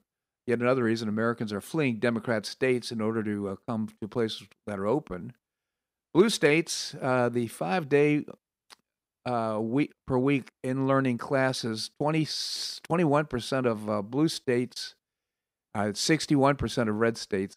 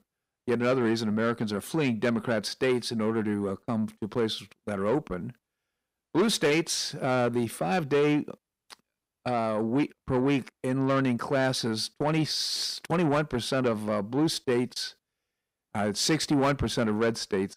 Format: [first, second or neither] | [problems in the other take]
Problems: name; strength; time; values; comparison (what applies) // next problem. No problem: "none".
first | distortion; slight; 10 dB below the speech